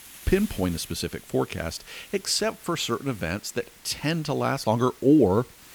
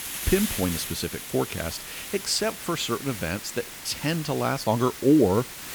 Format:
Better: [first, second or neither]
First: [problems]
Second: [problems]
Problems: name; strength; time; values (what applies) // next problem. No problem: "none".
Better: first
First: hiss; faint; throughout; 20 dB below the speech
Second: hiss; loud; throughout; 8 dB below the speech